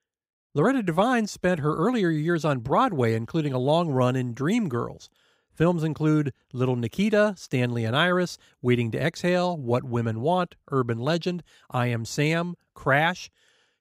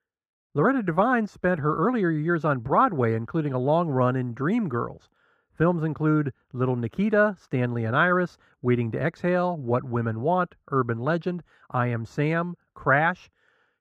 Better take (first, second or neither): first